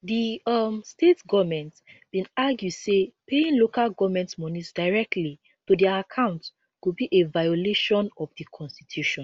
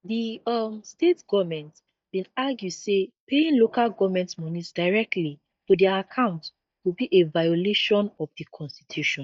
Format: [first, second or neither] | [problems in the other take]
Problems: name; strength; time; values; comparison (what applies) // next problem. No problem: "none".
first | noise reduction (neural mask model DeepFilterNet 3)